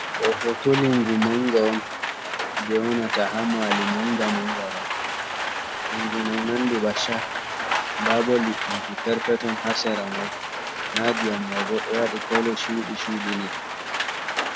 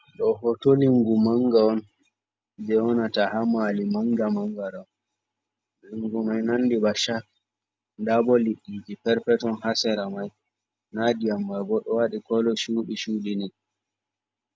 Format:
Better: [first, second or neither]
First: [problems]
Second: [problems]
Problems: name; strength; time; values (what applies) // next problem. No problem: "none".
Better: second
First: background sound (Rain); 2 dB below the speech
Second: none